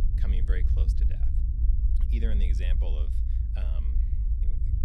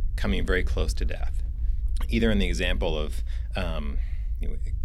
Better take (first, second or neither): second